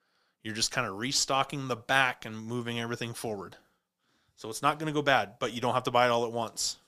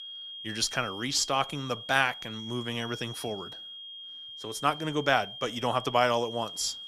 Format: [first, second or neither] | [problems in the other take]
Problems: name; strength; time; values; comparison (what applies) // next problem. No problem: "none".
first | high-pitched whine; noticeable; throughout; 3 kHz, 10 dB below the speech